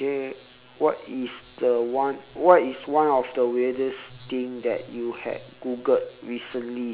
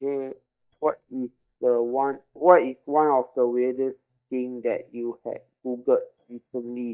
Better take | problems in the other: first | noise reduction (neural mask model DeepFilterNet 3)

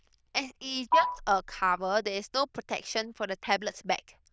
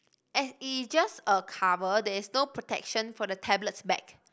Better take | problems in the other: second | noise reduction (neural diffusion model UNIVERSE++)

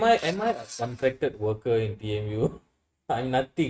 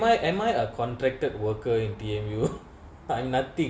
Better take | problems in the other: second | noise reduction (neural mask model RNNoise)

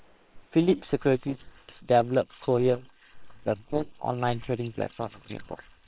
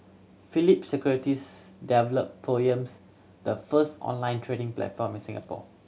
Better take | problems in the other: second | noise reduction (neural separator model SepFormer WHAM!)

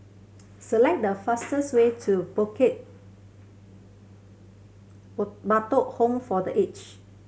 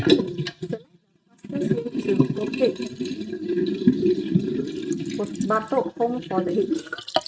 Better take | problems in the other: first | noise reduction (neural mask model RNNoise)

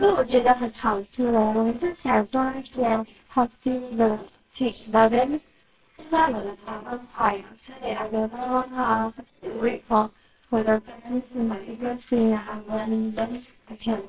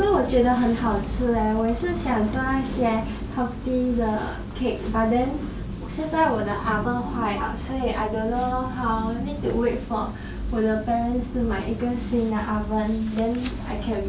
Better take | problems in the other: second | noise reduction (neural separator model SepFormer WHAMR!)

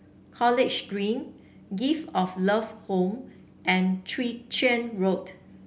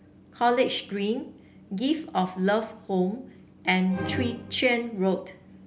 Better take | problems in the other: first | background sound (Musical instrument); 10 dB below the speech

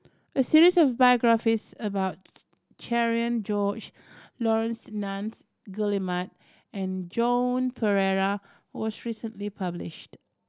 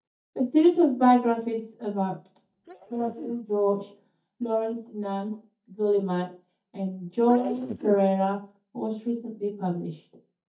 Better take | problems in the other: first | noise reduction (neural mask model DeepFilterNet 3)

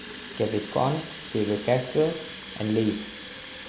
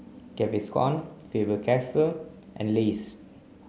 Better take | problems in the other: second | background sound (Fill (with liquid) / Water tap, faucet); 13 dB below the speech

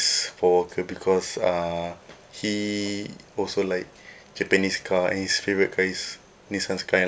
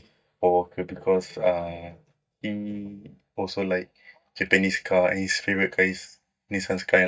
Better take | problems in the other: first | noise reduction (neural mask model DeepFilterNet 3)

